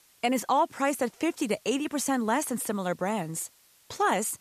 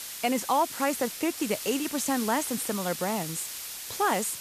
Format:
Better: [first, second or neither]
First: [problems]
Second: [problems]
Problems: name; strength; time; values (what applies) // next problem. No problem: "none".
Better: first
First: hiss; faint; throughout; 30 dB below the speech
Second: hiss; loud; throughout; 6 dB below the speech